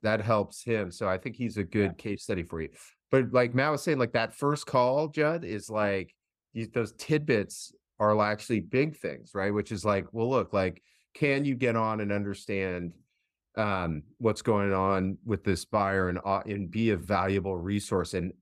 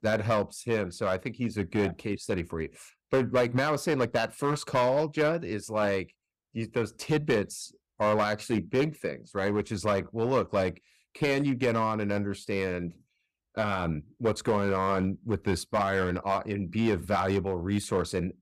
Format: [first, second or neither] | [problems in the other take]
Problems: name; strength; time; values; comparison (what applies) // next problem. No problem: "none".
first | distortion; slight; 4% of the sound clipped